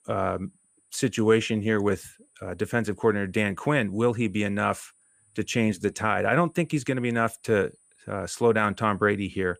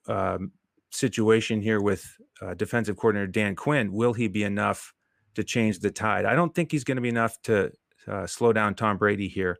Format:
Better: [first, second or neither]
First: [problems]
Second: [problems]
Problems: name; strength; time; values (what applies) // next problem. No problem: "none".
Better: second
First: high-pitched whine; faint; throughout; 9.5 kHz, 35 dB below the speech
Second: none